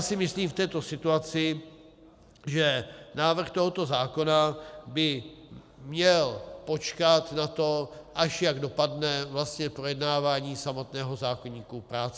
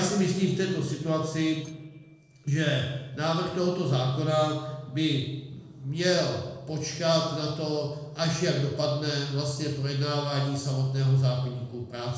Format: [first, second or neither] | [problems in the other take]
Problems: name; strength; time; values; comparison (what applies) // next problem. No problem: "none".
first | noise reduction (neural separator model SepFormer DNS4)